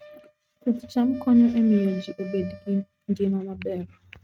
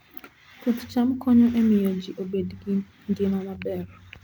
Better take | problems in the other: second | noise reduction (neural mask model RNNoise)

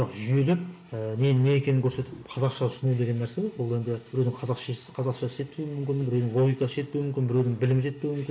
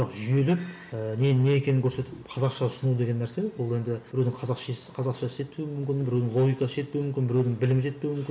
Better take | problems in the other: second | noise reduction (neural mask model Resemble Enhance denoiser)

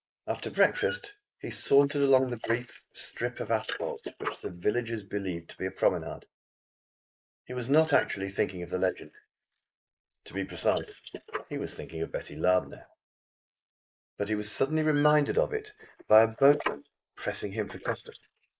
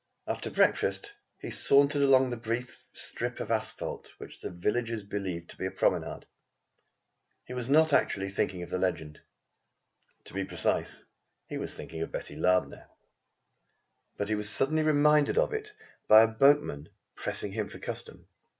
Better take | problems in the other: second | noise reduction (neural mask model Resemble Enhance denoiser)

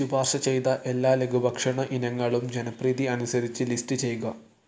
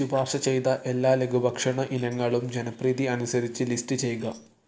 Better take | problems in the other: first | noise reduction (neural separator model SepFormer DNS4)

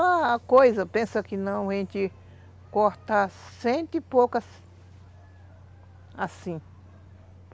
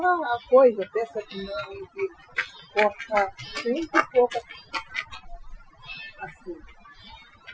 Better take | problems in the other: first | noise reduction (classical method Wiener filter)

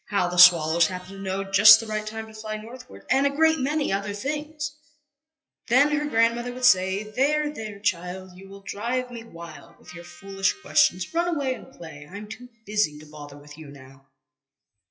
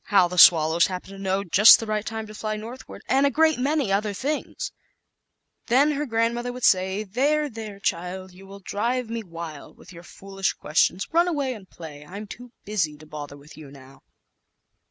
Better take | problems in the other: second | noise reduction (classical method WPE with log-MMSE)

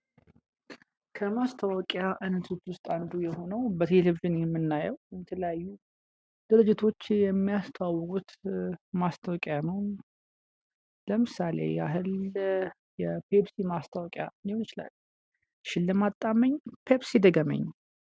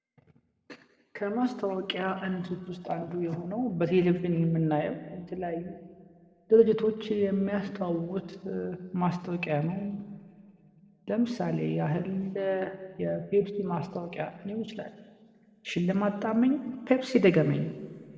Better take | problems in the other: first | room echo; dies away in 1.7 s

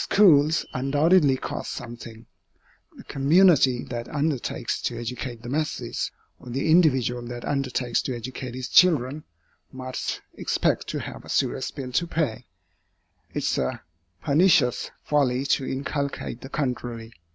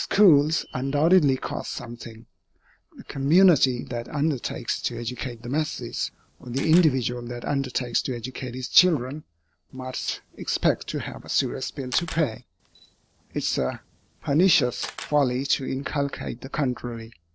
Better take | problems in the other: first | noise reduction (neural separator model SepFormer DNS4)

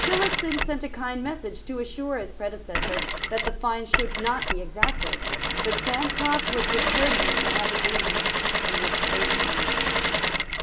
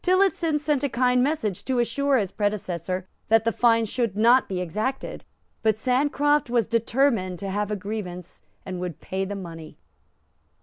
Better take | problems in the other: second | background sound (Mechanisms); 5 dB above the speech // room echo; dies away in 1.8 s

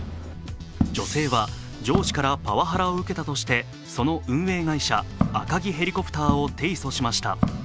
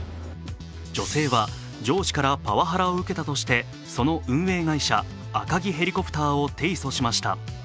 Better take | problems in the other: second | background sound (Walk, footsteps); 6 dB below the speech

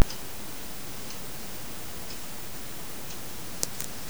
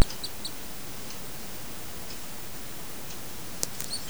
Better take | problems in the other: first | background sound (Chirp, tweet); 17 dB below the speech

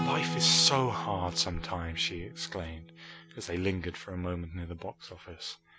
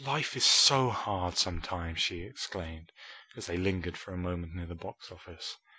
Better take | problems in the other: second | background sound (Acoustic guitar / Strum); 8 dB below the speech

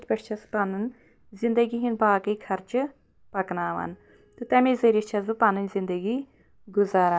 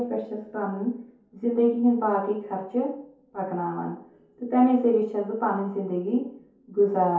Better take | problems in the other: first | room echo; dies away in 0.6 s

